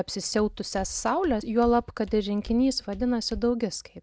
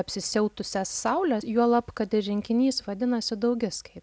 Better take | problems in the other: second | noise reduction (neural mask model DeepFilterNet 3)

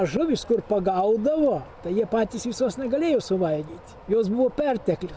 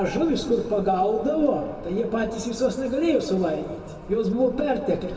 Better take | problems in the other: first | room echo; dies away in 1.6 s

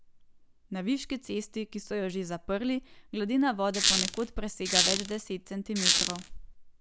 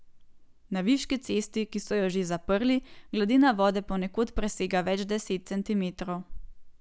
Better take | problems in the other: second | background sound (Squeak); 4 dB above the speech

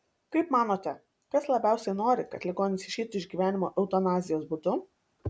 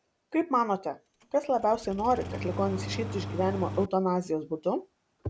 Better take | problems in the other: first | background sound (Engine starting); 8 dB below the speech

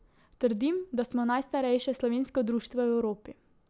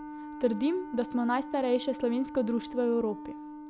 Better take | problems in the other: first | background sound (Wind instrument, woodwind instrument); 11 dB below the speech

